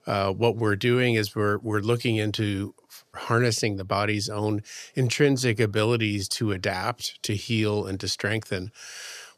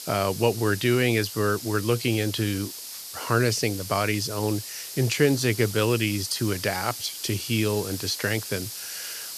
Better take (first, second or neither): first